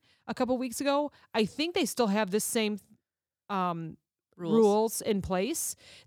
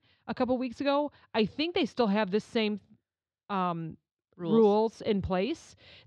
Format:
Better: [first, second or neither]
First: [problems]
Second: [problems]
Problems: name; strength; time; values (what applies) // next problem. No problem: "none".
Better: first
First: none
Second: muffled; slightly; fading above 4 kHz